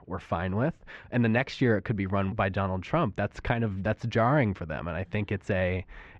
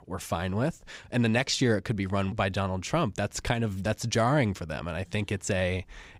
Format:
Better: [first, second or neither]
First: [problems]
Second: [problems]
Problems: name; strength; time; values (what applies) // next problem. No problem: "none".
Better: second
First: muffled; very; fading above 2 kHz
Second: none